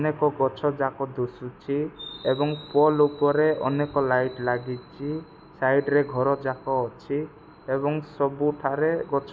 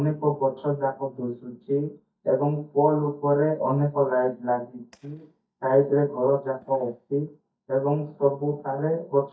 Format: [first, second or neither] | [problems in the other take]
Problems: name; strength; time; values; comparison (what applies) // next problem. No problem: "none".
first | noise reduction (neural mask model DeepFilterNet 3)